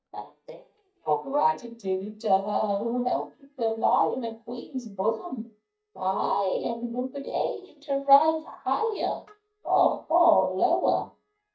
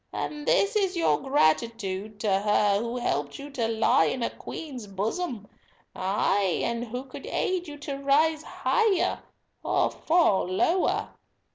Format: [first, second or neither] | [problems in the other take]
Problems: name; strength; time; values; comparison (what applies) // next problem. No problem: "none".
second | noise reduction (neural mask model DeepFilterNet 3)